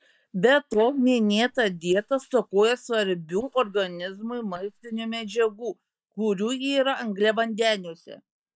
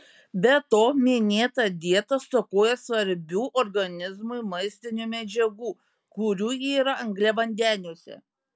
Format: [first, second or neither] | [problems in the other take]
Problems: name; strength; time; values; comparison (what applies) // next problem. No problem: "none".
second | noise reduction (neural mask model DeepFilterNet 3)